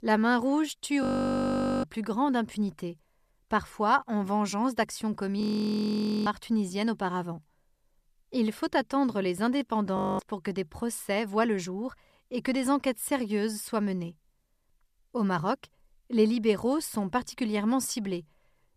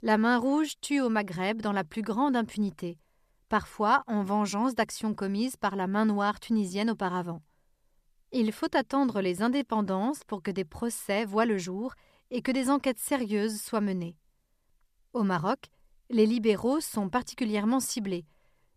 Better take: second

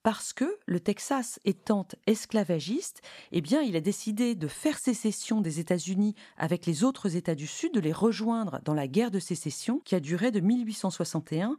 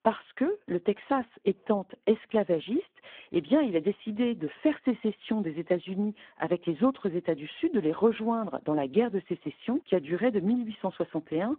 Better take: first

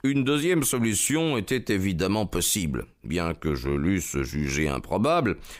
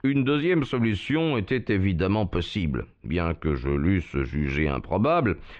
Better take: first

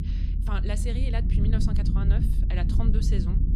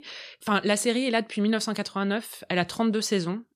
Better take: second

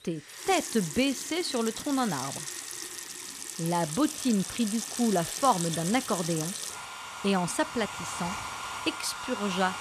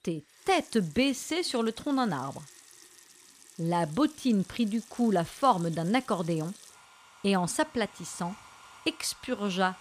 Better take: second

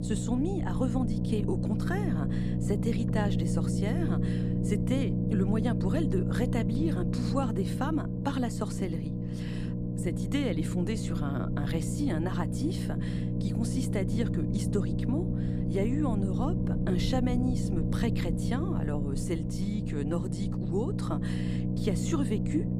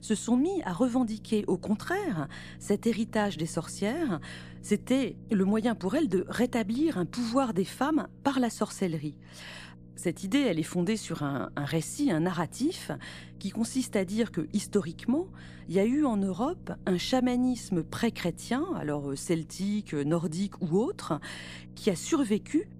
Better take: second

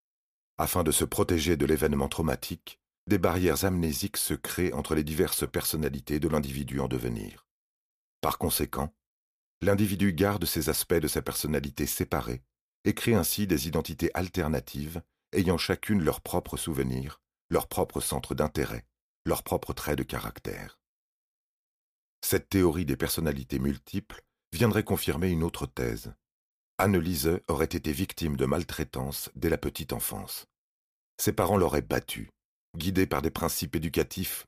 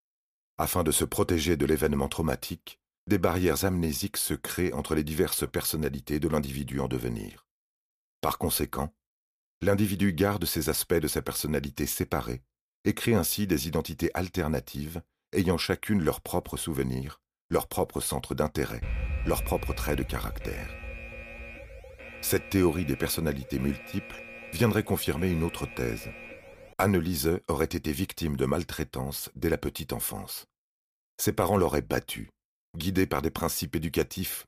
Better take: first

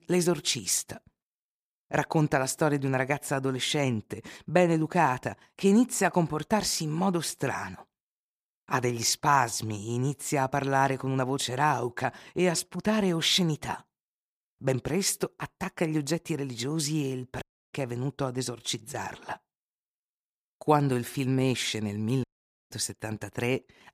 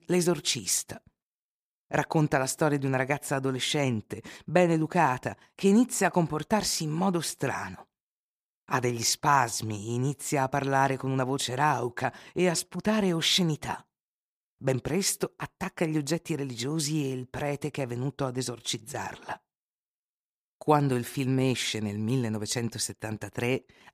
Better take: second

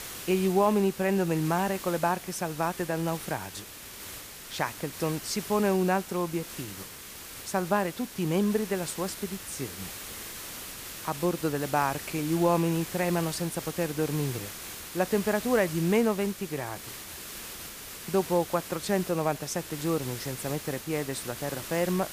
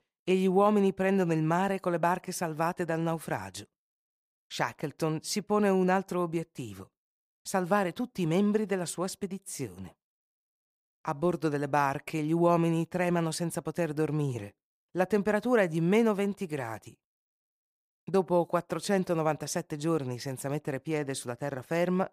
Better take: second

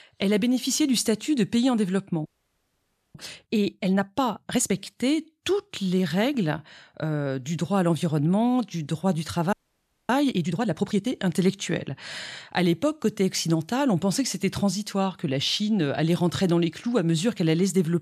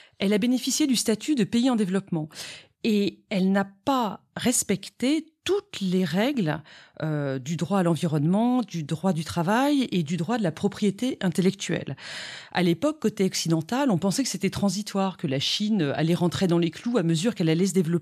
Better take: second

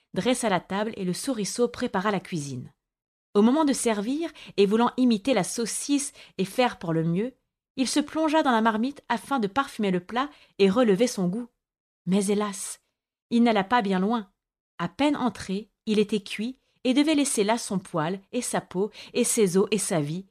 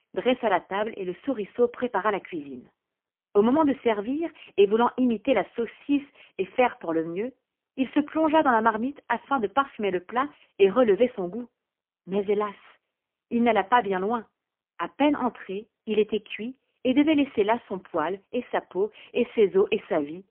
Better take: first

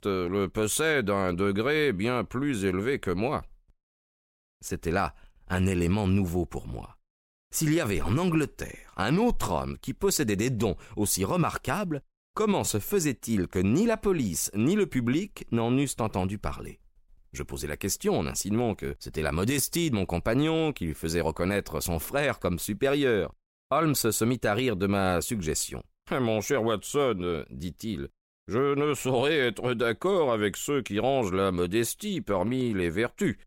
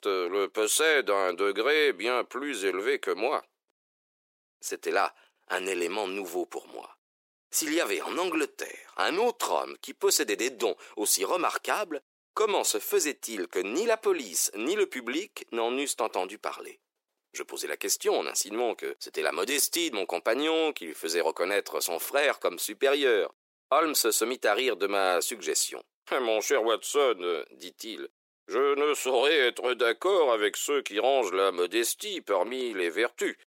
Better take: first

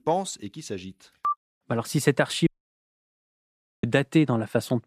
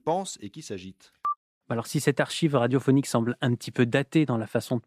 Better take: second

